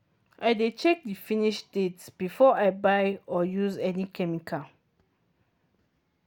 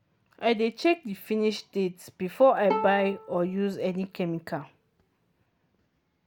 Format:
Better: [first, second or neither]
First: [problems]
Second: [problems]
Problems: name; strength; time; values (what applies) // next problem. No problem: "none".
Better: first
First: none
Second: background sound (Bowed string instrument); 9 dB below the speech